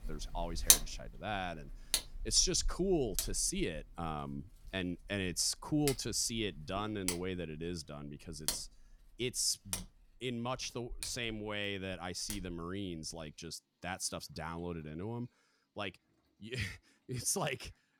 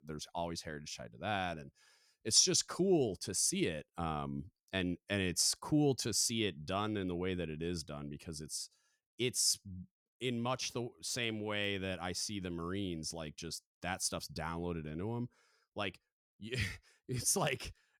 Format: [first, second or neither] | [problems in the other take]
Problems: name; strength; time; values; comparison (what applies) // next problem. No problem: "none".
second | household noises; very loud; throughout; 2 dB above the speech